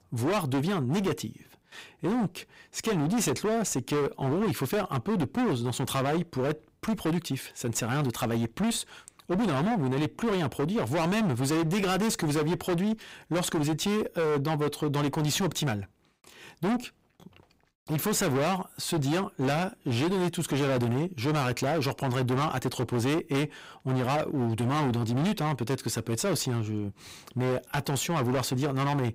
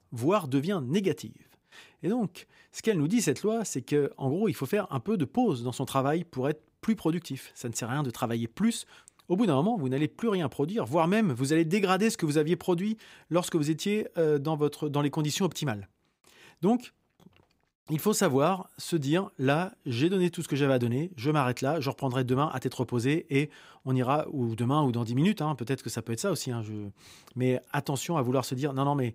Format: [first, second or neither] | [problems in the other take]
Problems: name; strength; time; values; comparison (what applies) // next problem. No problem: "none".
second | distortion; heavy; 28% of the sound clipped